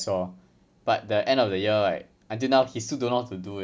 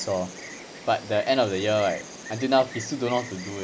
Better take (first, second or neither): first